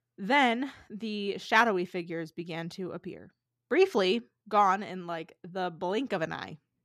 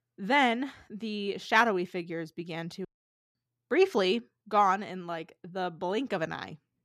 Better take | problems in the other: first | audio cutting out; at 3 s for 0.5 s

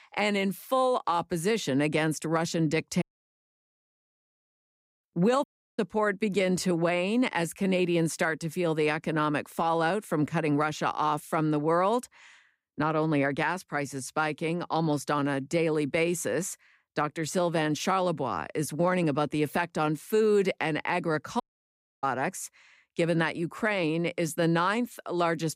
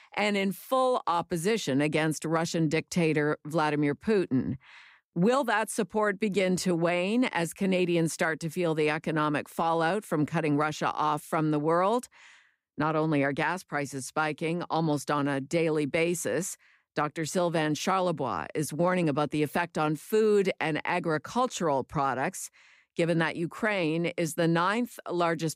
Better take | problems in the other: second | audio cutting out; at 3 s for 2 s, at 5.5 s and at 21 s for 0.5 s

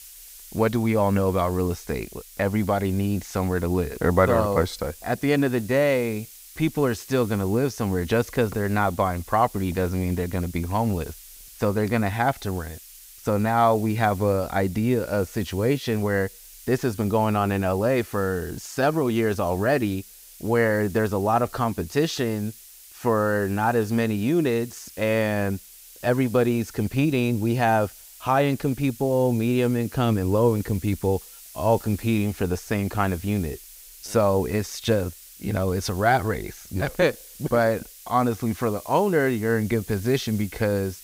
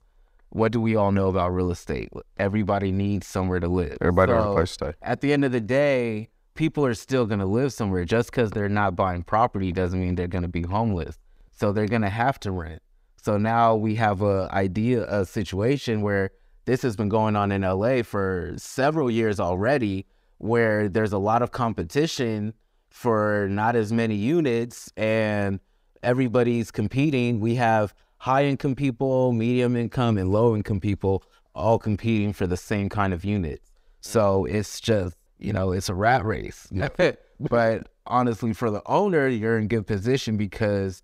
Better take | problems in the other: second | hiss; noticeable; throughout; 20 dB below the speech

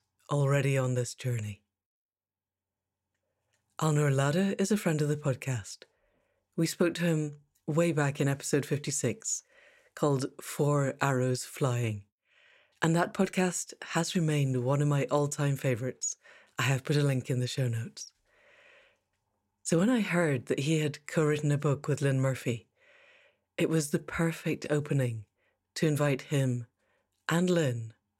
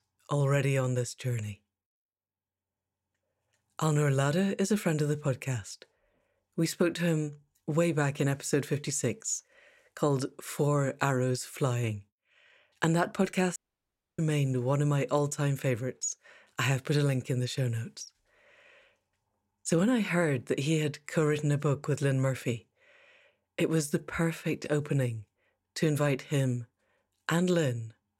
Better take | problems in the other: first | audio cutting out; at 14 s for 0.5 s

